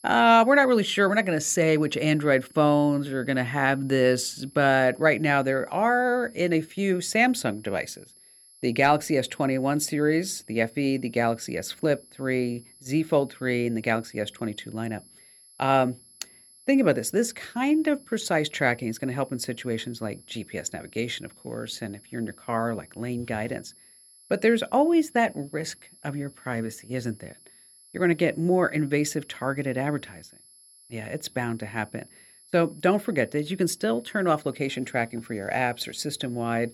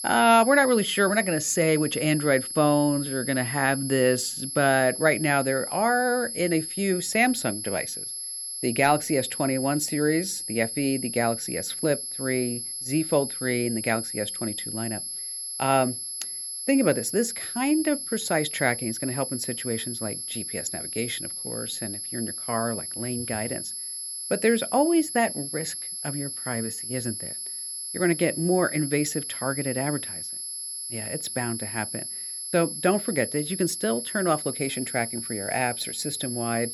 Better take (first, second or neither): first